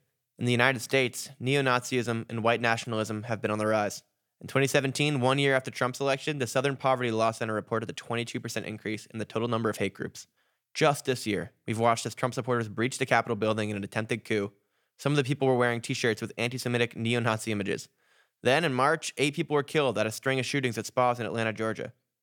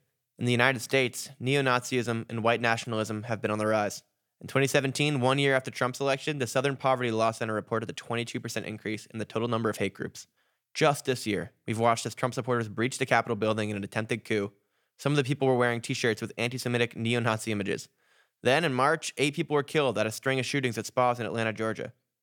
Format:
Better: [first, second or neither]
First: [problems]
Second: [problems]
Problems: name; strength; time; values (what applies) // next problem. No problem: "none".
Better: neither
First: none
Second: none